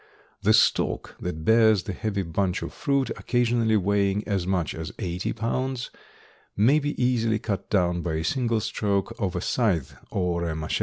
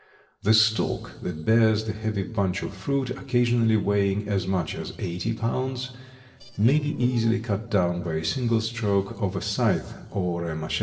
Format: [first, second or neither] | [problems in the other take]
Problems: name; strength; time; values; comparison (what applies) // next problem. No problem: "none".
first | noise reduction (neural separator model SepFormer DNS4)